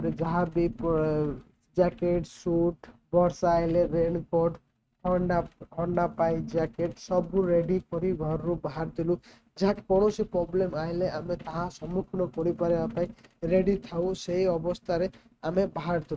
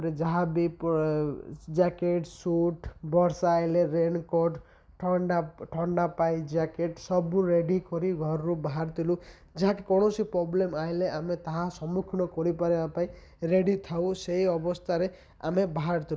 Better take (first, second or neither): second